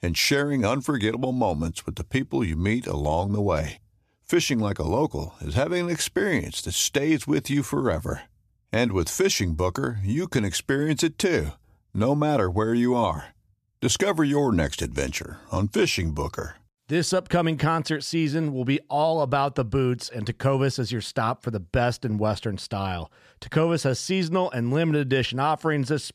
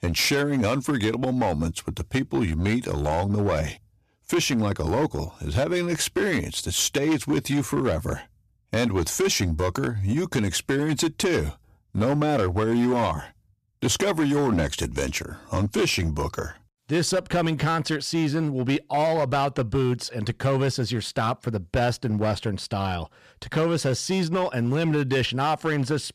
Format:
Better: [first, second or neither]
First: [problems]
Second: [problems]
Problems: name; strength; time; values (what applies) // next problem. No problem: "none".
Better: first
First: none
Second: distortion; slight; 10% of the sound clipped